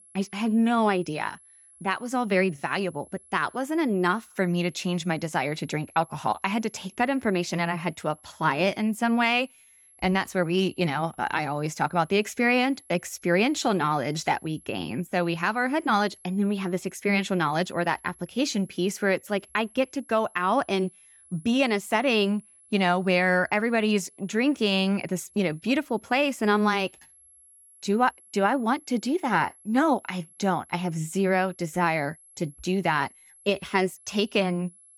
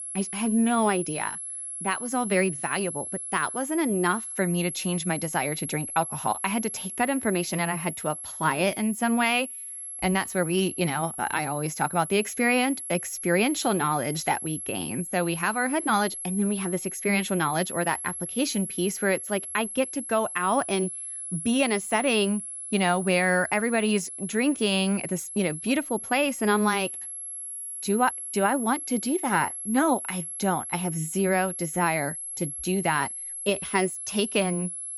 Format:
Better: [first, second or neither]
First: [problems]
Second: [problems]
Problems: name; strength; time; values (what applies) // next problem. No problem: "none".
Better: first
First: high-pitched whine; faint; throughout; 11 kHz, 25 dB below the speech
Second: high-pitched whine; loud; throughout; 11 kHz, 7 dB below the speech